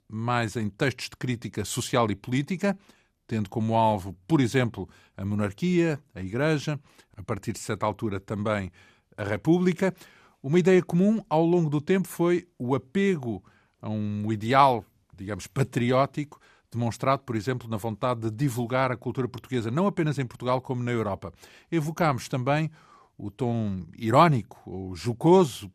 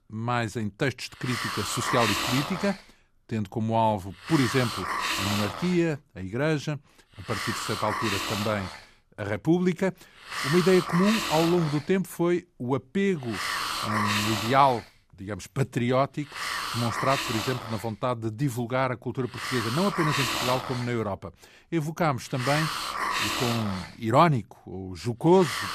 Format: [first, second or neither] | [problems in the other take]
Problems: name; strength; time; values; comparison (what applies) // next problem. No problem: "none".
first | hiss; loud; throughout; 3 dB below the speech